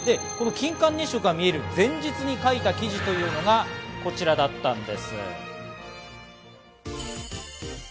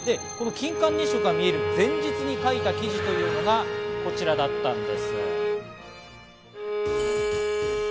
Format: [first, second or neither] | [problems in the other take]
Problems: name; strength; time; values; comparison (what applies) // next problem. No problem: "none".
first | background sound (Bowed string instrument); 1 dB above the speech